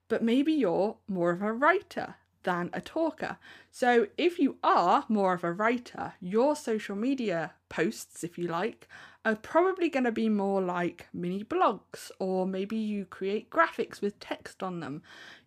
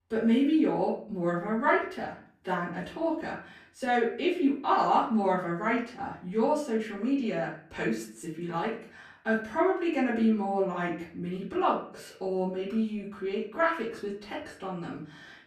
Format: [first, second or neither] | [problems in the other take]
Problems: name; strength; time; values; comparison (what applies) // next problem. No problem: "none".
first | off-mic speech; far // room echo; slight; dies away in 0.5 s